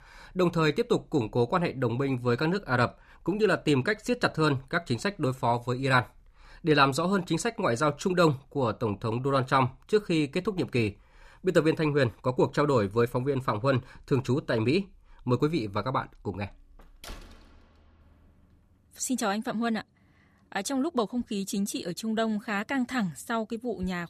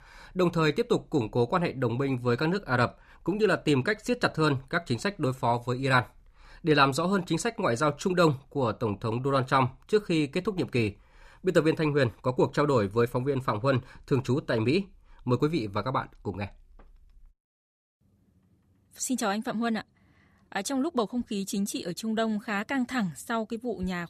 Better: second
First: door banging; faint; from 17 to 18 s; peak 15 dB below the speech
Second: none

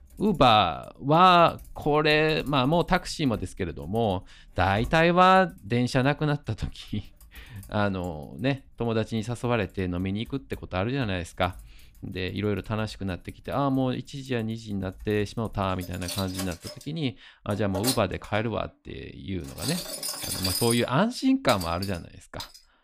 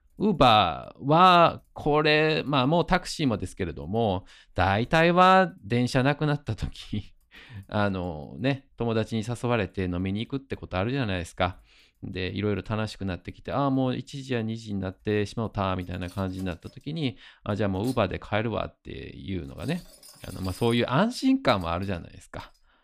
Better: second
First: household noises; loud; throughout; 8 dB below the speech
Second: household noises; faint; throughout; 25 dB below the speech

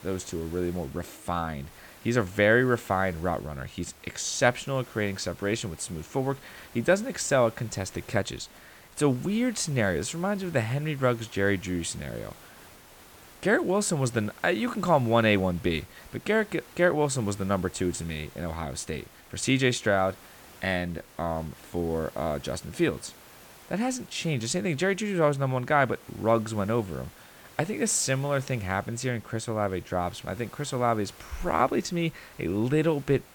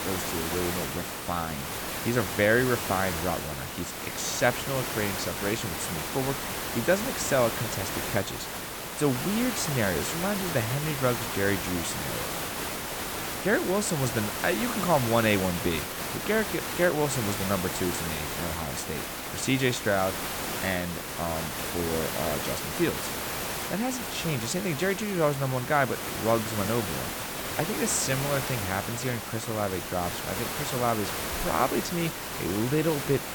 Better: first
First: hiss; faint; throughout; 20 dB below the speech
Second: hiss; loud; throughout; 3 dB below the speech

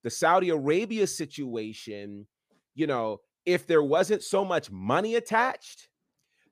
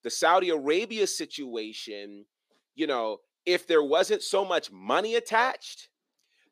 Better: first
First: none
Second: thin; very slightly; fading below 300 Hz

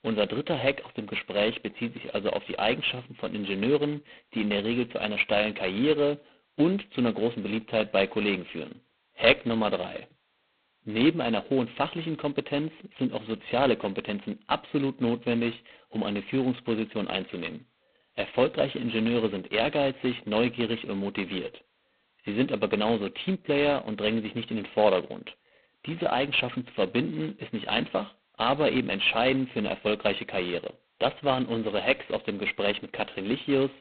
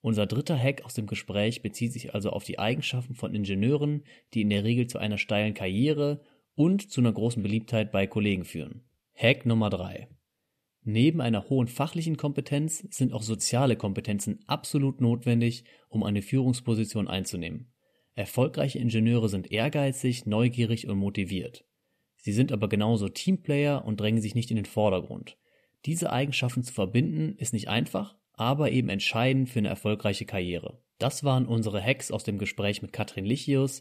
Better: second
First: phone-call audio; poor line; nothing above 4 kHz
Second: none

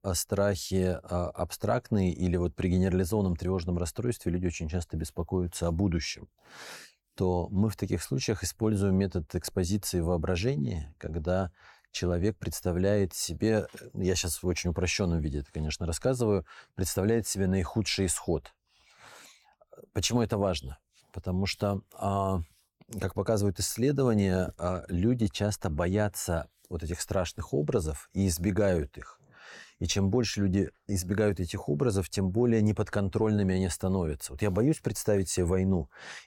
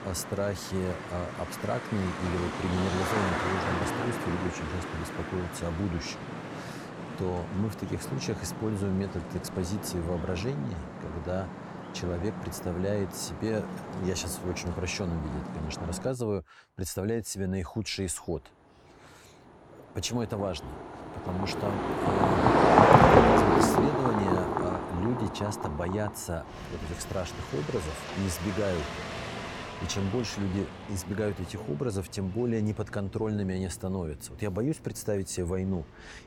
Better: first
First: none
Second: traffic noise; very loud; throughout; 3 dB above the speech

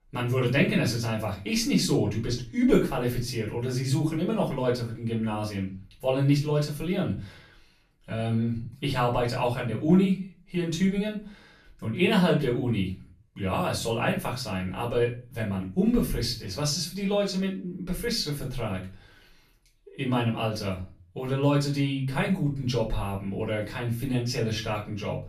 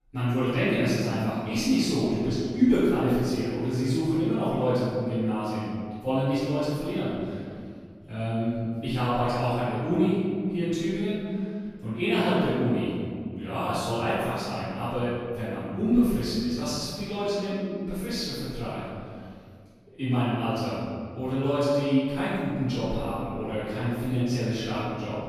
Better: first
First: room echo; slight; dies away in 0.3 s // off-mic speech; far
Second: room echo; strong; dies away in 2.1 s // off-mic speech; far

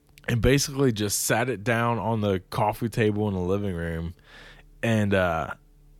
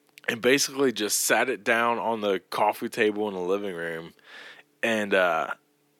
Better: first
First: none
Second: thin; somewhat; fading below 250 Hz

